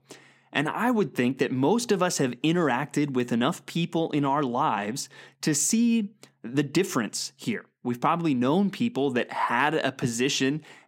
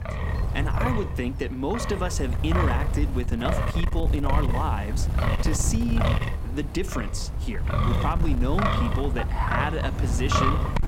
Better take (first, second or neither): first